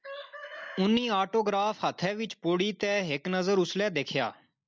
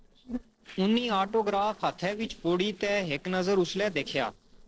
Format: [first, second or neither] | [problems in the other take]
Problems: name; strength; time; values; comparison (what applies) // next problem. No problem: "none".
first | noise reduction (neural separator model SepFormer DNS4)